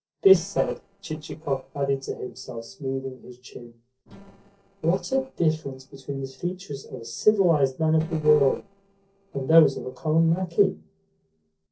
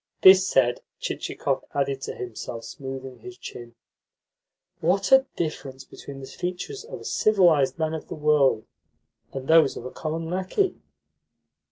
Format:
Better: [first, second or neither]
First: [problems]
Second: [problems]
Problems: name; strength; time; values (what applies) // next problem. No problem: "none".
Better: second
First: noise reduction (neural separator model SepFormer DNS4)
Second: none